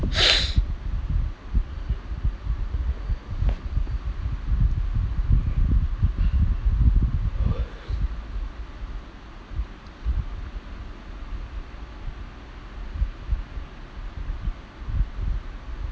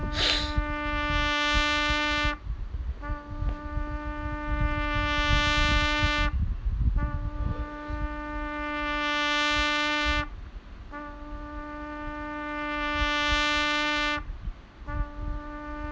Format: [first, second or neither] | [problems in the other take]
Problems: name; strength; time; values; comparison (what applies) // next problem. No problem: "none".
first | background sound (Trumpet); 1 dB above the speech